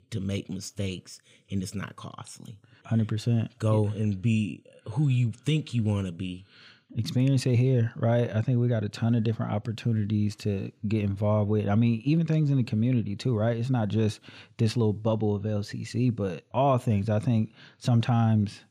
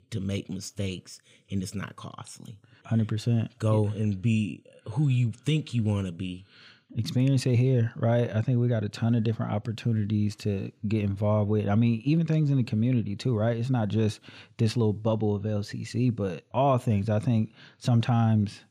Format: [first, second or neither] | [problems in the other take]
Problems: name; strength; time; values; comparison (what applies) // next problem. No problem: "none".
neither | none